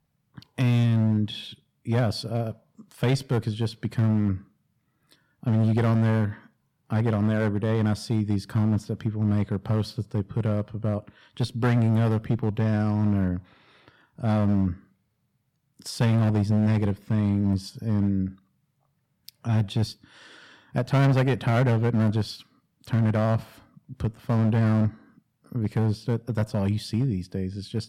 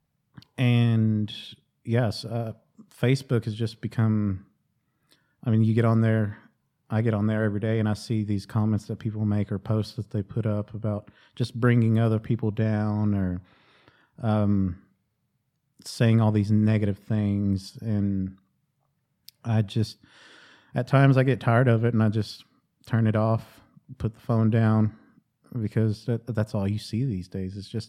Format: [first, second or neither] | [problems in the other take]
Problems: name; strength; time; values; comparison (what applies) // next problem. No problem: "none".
second | distortion; slight; 7% of the sound clipped